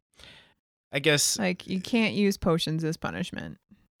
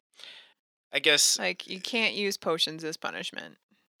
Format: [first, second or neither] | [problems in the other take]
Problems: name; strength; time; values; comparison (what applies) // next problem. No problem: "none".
first | thin; somewhat; fading below 400 Hz